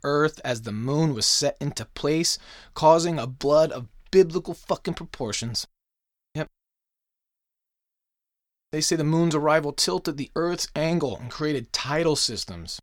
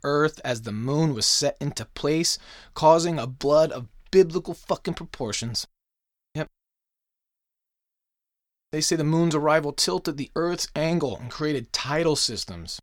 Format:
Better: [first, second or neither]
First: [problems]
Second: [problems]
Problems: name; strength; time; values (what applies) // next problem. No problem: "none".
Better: neither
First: none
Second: none